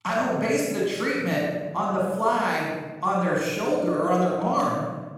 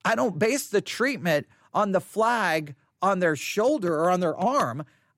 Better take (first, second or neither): second